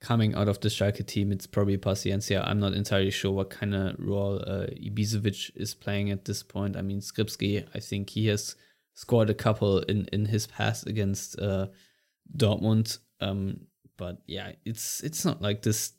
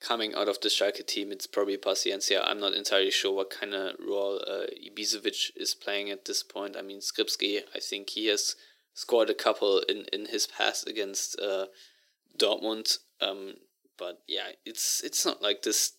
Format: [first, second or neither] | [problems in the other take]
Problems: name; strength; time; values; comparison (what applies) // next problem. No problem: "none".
first | thin; very; fading below 350 Hz